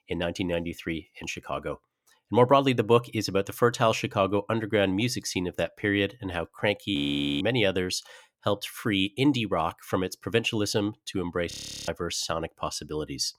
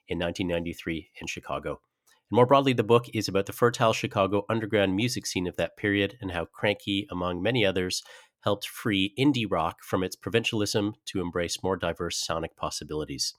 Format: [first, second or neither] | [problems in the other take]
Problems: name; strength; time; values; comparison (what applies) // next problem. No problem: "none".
second | audio freezing; at 7 s and at 12 s